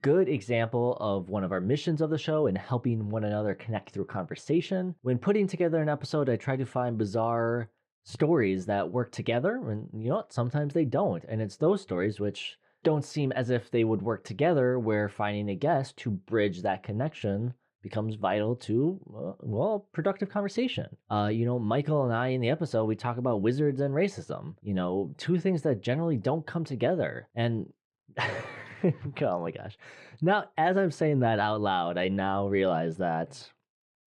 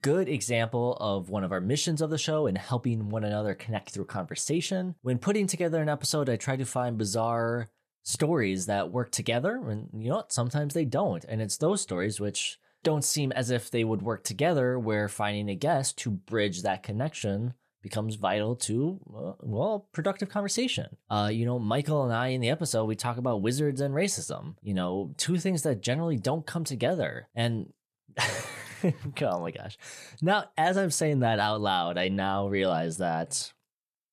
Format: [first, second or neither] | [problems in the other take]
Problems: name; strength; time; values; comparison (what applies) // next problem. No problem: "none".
second | muffled; slightly; fading above 2.5 kHz